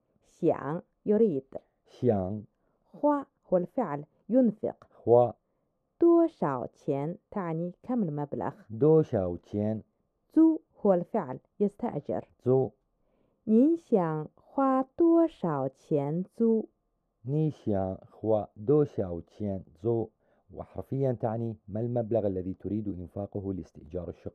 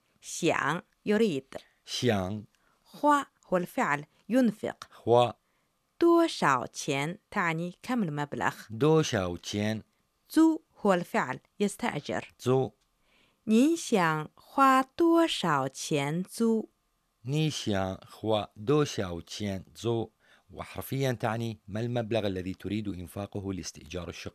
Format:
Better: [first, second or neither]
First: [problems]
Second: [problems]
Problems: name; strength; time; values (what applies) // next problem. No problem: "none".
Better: second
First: muffled; very; fading above 1.5 kHz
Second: none